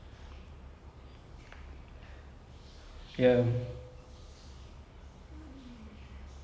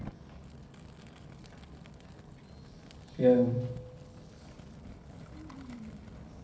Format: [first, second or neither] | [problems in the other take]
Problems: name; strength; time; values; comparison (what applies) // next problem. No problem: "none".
first | background sound (Fire); 16 dB below the speech // room echo; dies away in 0.3 s